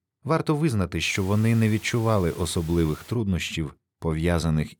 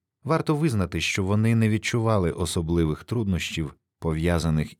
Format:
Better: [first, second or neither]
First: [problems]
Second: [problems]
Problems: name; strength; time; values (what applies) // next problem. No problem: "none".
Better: second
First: hiss; faint; from 1 to 3 s; 20 dB below the speech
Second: none